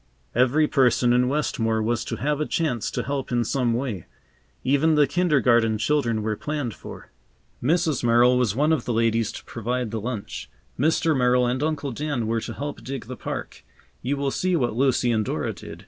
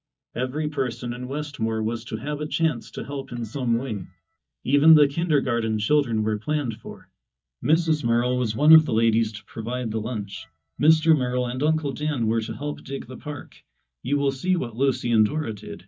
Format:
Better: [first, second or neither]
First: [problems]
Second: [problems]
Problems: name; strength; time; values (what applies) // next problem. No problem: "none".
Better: first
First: none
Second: noise reduction (neural mask model DeepFilterNet 3)